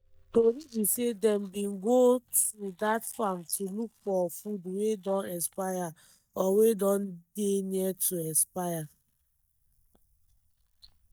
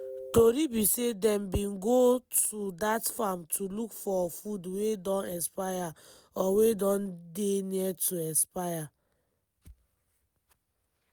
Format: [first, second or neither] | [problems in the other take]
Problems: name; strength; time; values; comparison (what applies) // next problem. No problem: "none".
second | noise reduction (neural mask model DeepFilterNet 3)